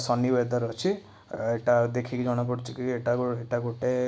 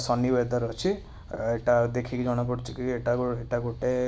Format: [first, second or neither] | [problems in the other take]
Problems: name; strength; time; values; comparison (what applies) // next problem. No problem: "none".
first | background sound (Wind); 18 dB below the speech